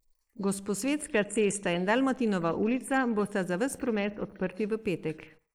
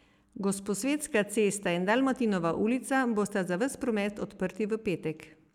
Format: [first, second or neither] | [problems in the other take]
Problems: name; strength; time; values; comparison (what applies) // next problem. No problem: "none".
second | noise reduction (neural mask model Resemble Enhance denoiser)